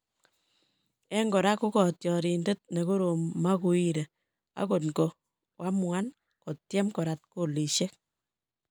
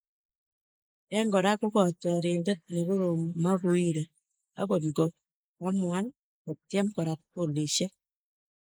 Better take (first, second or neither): first